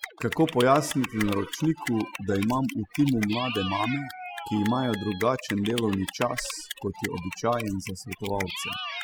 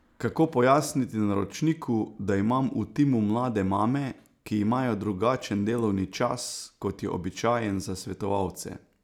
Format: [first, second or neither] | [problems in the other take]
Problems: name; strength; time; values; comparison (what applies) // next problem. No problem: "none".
second | noise reduction (classical method spectral subtraction)